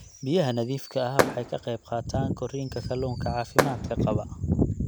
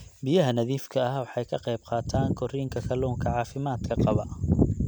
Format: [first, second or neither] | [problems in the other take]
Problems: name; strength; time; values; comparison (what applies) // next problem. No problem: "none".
second | background sound (Fireworks); 5 dB below the speech